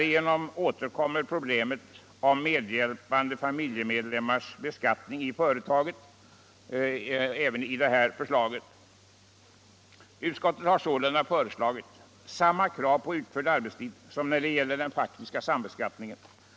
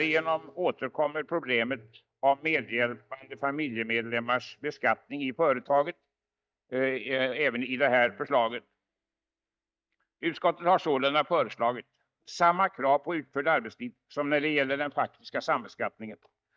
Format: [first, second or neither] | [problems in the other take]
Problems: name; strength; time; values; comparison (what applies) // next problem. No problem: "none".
first | noise reduction (neural mask model DeepFilterNet 3)